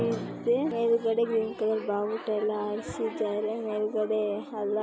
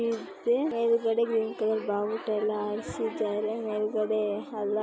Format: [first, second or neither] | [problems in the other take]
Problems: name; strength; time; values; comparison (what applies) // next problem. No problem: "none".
second | background sound (Drum); 16 dB below the speech